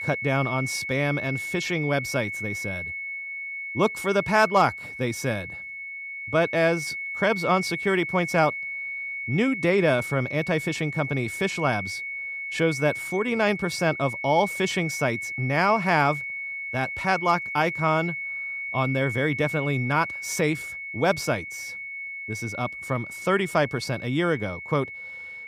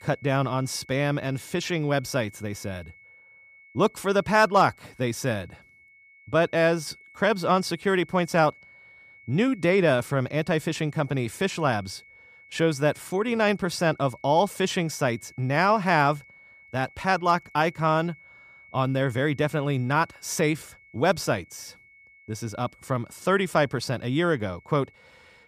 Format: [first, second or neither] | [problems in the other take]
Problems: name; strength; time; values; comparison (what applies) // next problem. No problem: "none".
second | high-pitched whine; loud; throughout; 2 kHz, 6 dB below the speech; faint in the second